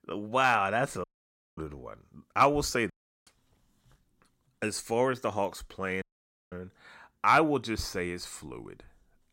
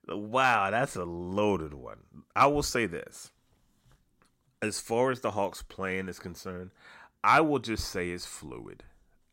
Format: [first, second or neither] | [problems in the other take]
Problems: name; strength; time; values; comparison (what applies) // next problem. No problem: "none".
second | audio cutting out; at 1 s for 0.5 s, at 3 s and at 6 s for 0.5 s